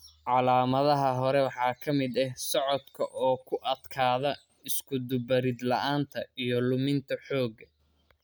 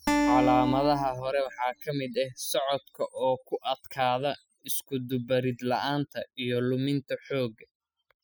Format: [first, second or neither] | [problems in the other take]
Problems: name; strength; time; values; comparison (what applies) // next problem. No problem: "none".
first | noise reduction (classical method spectral subtraction)